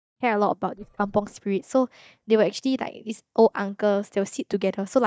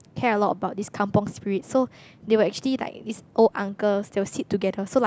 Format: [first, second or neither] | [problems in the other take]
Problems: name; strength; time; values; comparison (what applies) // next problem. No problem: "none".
second | noise reduction (neural mask model DeepFilterNet 3)